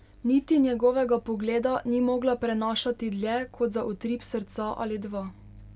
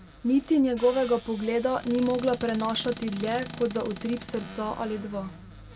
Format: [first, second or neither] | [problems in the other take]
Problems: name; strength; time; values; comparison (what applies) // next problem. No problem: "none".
first | background sound (Squeak / Cupboard open or close); 15 dB below the speech